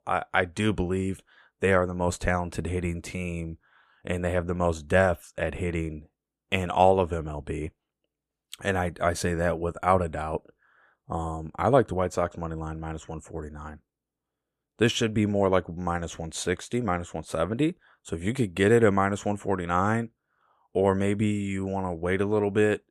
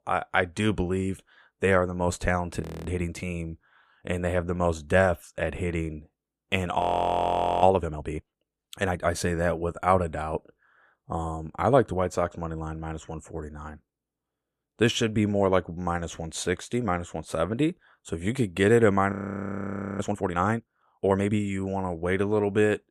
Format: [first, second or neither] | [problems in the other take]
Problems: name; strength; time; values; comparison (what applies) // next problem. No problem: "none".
first | audio freezing; at 2.5 s, at 7 s for 1 s and at 19 s for 1 s